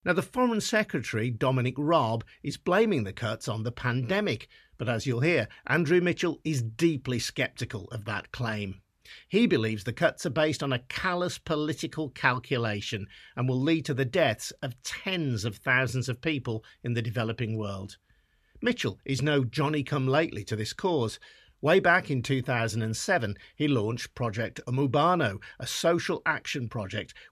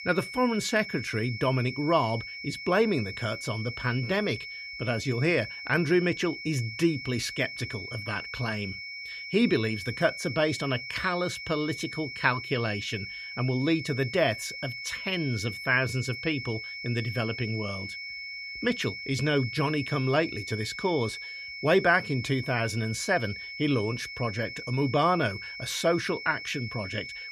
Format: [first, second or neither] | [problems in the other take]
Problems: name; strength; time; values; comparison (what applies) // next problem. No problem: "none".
first | high-pitched whine; loud; throughout; 2 kHz, 8 dB below the speech